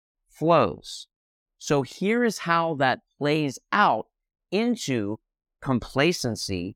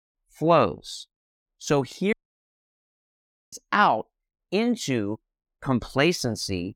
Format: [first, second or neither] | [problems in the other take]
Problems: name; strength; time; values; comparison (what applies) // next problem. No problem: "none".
first | audio cutting out; at 2 s for 1.5 s